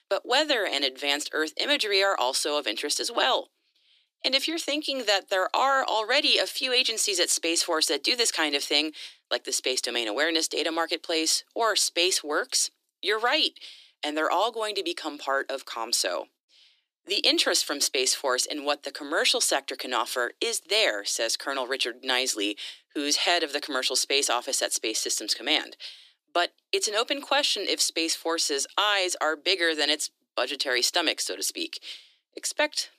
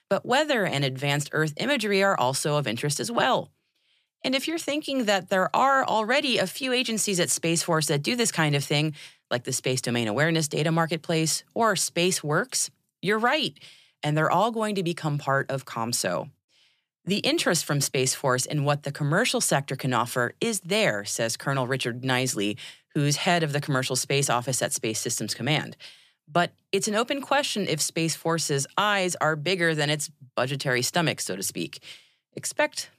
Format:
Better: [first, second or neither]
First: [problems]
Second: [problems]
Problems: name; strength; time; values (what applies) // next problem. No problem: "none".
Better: second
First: thin; somewhat; fading below 300 Hz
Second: none